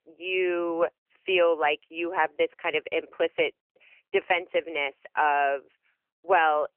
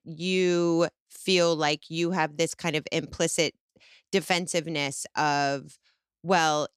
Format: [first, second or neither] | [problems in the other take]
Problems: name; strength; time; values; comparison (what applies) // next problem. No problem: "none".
second | phone-call audio; nothing above 3 kHz